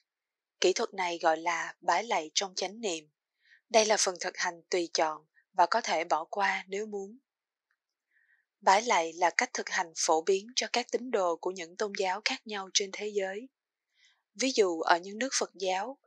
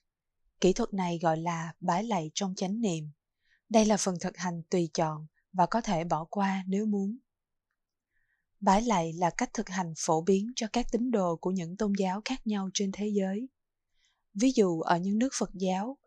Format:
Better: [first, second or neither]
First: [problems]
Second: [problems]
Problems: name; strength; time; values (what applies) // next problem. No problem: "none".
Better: second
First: thin; very; fading below 350 Hz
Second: none